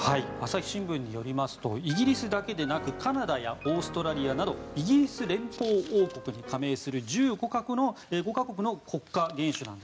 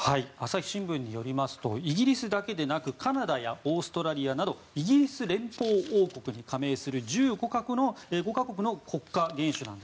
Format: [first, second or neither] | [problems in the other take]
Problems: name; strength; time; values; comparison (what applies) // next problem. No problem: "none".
second | background sound (Piano); 13 dB below the speech